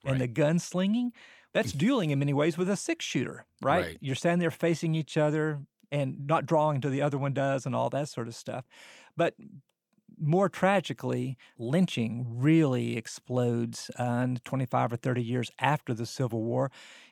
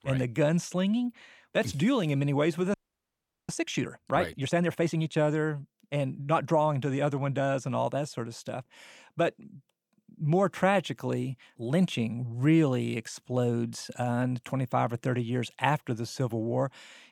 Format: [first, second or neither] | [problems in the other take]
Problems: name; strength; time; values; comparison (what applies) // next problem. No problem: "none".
first | audio freezing; at 2.5 s for 1 s